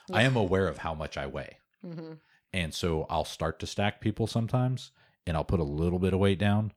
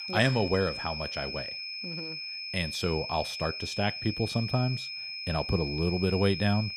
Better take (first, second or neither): first